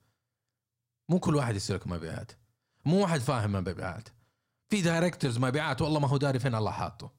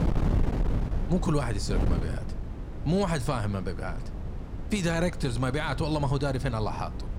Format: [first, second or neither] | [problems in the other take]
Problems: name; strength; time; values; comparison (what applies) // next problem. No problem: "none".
first | wind noise on the microphone; occasional gusts; 10 dB below the speech